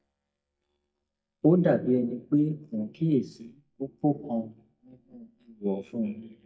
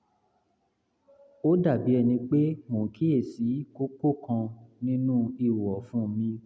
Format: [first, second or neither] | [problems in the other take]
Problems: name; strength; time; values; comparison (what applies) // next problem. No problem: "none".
second | noise reduction (neural mask model DeepFilterNet 3)